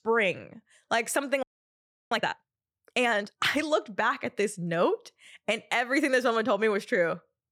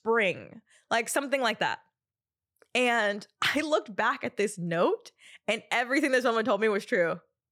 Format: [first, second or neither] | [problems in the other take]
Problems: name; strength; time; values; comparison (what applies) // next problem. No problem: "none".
second | audio freezing; at 1.5 s for 0.5 s